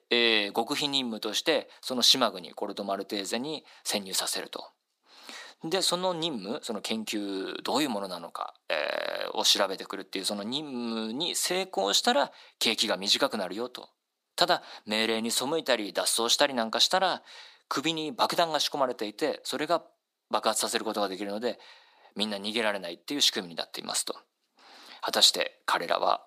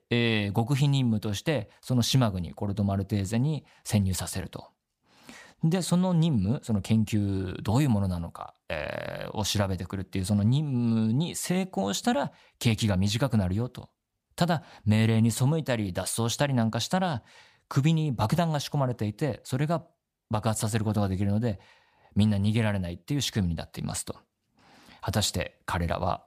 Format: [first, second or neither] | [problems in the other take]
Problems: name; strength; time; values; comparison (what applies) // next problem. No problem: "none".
second | thin; very; fading below 300 Hz